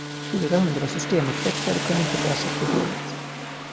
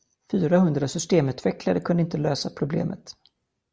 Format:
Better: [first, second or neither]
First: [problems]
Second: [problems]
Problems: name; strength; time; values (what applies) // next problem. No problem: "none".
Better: second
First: background sound (Rain + Bowed string instrument); 2 dB below the speech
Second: none